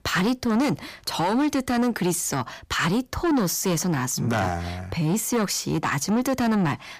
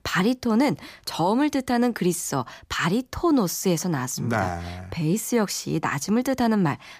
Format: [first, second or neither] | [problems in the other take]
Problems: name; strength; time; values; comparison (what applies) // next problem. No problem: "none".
second | distortion; slight; 10 dB below the speech